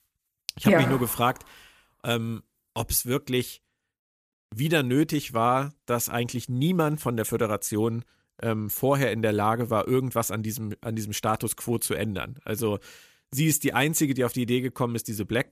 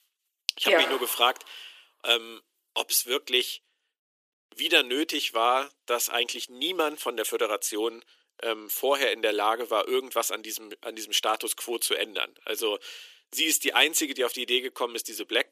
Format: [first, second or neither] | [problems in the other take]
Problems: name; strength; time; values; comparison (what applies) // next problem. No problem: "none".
first | thin; very; fading below 350 Hz